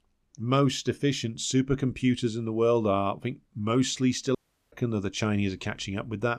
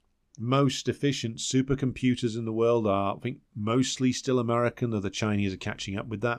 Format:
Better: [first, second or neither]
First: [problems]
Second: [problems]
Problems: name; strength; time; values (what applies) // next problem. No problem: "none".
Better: second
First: audio cutting out; at 4.5 s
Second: none